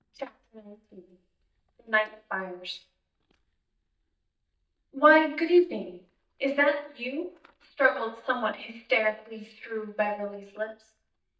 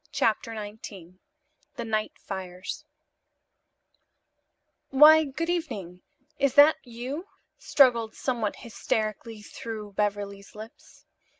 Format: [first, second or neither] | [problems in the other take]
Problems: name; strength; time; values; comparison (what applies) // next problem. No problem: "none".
second | noise reduction (neural mask model DeepFilterNet 3)